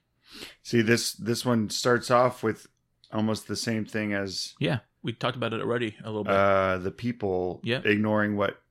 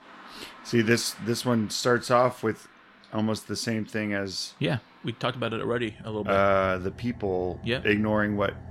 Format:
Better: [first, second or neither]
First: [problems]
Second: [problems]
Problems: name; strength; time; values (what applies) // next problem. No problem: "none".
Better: first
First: none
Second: traffic noise; faint; throughout; 20 dB below the speech